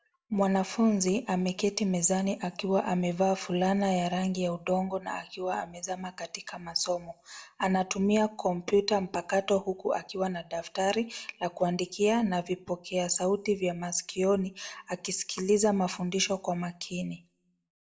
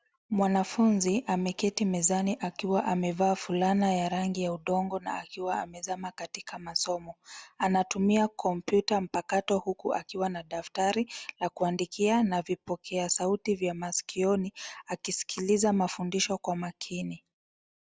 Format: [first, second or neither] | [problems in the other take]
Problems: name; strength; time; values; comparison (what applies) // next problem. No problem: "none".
second | room echo; dies away in 0.2 s